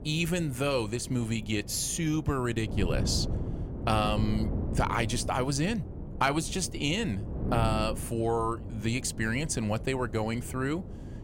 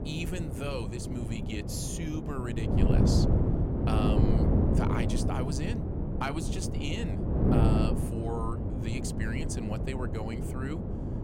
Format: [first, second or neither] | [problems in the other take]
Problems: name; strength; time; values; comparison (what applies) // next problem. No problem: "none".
first | wind noise on the microphone; heavy; 1 dB above the speech; occasional gusts in the first